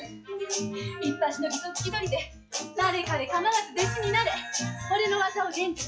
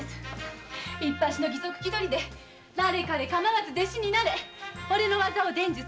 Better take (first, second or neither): second